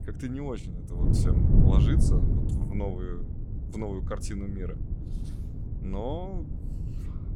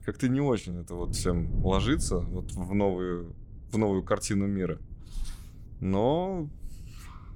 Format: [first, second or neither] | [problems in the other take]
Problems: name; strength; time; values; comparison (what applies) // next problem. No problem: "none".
second | wind noise on the microphone; heavy; 2 dB below the speech; occasional gusts in the second